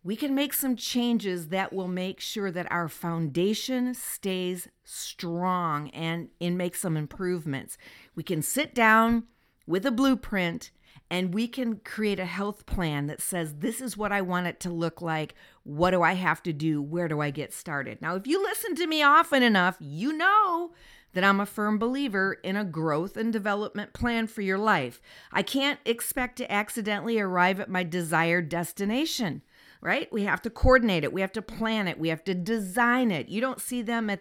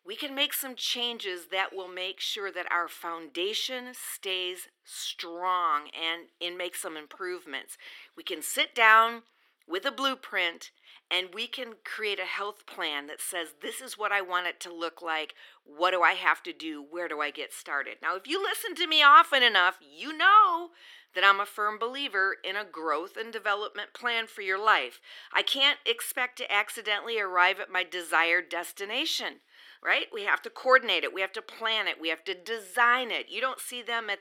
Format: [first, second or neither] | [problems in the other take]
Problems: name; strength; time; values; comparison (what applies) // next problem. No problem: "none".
first | thin; very; fading below 350 Hz